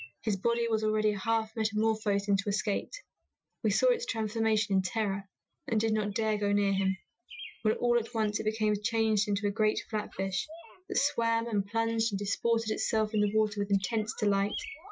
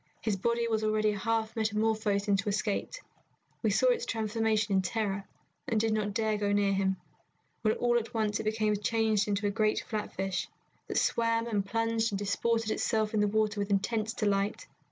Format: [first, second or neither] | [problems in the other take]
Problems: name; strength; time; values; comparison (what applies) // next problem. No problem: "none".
second | noise reduction (classical method Wiener filter)